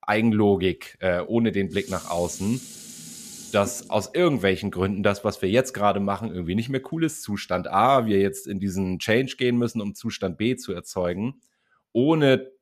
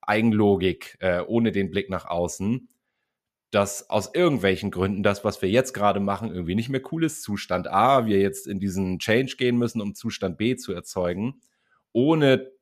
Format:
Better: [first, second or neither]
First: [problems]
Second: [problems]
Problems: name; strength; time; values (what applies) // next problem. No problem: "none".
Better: second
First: clattering dishes; faint; from 1 to 4 s; peak 15 dB below the speech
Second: none